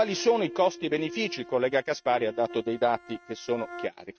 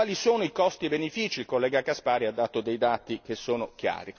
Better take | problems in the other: second | noise reduction (neural mask model RNNoise)

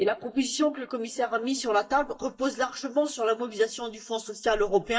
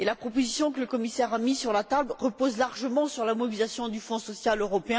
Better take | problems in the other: second | noise reduction (neural mask model DeepFilterNet 3)

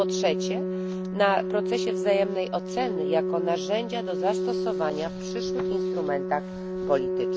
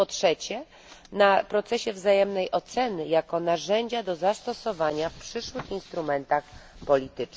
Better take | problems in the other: second | background sound (Organ); as loud as the speech

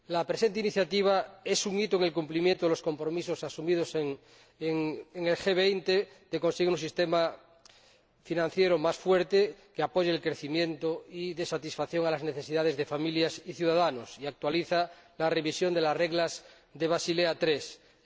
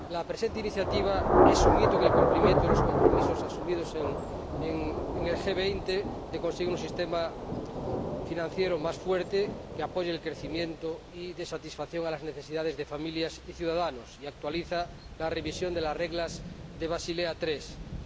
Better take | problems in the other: first | background sound (Thunder / Rain); 3 dB above the speech

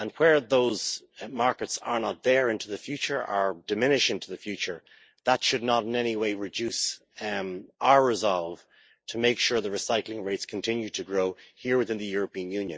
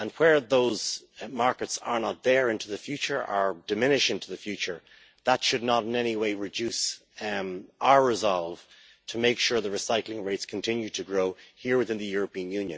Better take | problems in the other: second | noise reduction (neural mask model Resemble Enhance denoiser)

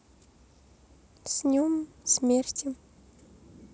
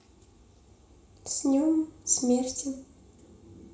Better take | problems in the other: first | room echo; dies away in 0.5 s

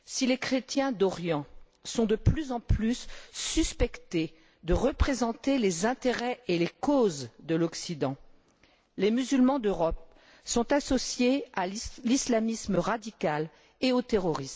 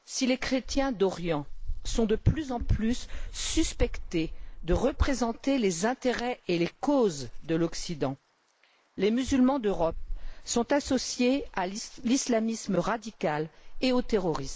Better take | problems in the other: first | noise reduction (neural mask model Resemble Enhance denoiser)

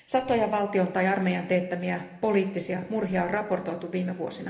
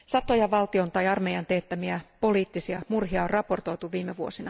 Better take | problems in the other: second | room echo; dies away in 1.1 s

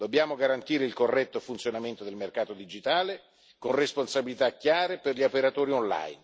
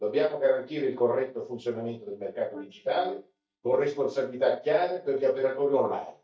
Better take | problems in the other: first | noise reduction (neural mask model DeepFilterNet 3)

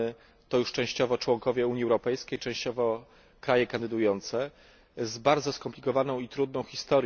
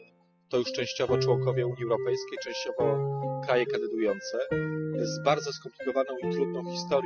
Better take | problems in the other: first | noise reduction (classical method spectral subtraction)

